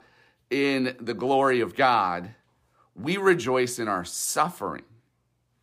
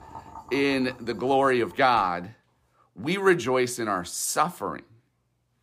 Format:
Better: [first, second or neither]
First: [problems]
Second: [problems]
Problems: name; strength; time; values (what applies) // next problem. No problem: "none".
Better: first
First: none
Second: household noises; faint; until 2 s; 20 dB below the speech